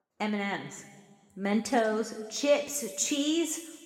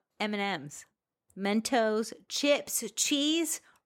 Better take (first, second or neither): second